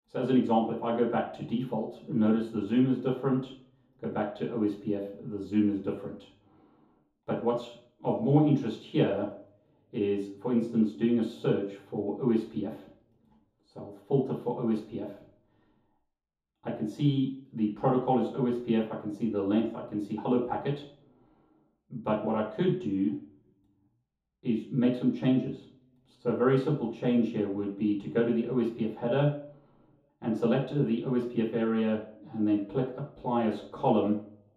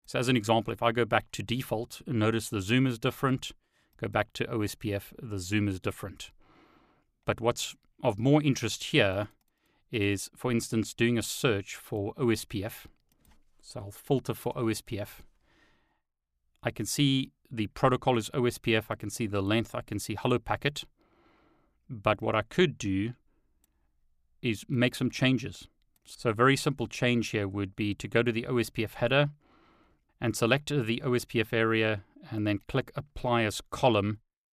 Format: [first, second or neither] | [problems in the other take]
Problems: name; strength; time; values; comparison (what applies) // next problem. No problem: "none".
second | room echo; noticeable; dies away in 0.5 s // off-mic speech; far